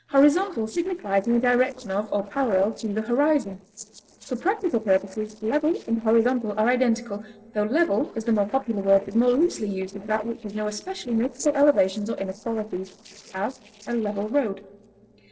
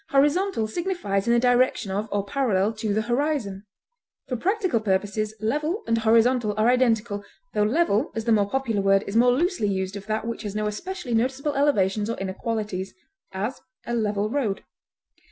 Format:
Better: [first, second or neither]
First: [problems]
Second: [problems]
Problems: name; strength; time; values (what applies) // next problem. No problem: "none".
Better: second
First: noise reduction (neural separator model SepFormer DNS4)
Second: none